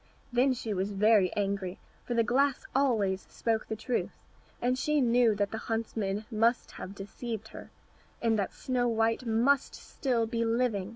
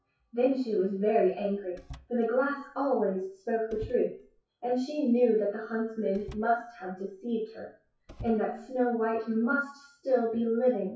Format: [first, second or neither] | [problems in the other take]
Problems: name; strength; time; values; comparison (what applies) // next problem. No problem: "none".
first | noise reduction (classical method WPE with log-MMSE)